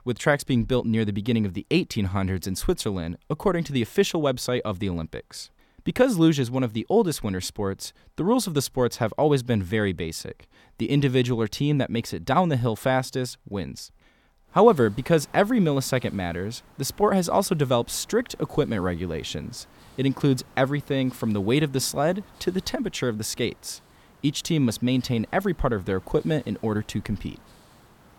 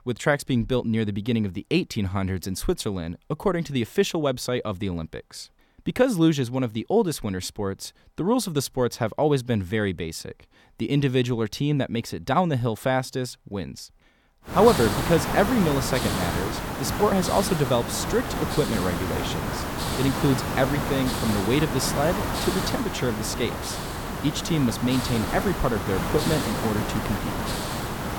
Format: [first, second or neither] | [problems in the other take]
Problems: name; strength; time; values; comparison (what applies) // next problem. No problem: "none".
first | hiss; loud; from 15 s on; 3 dB below the speech; faint in the first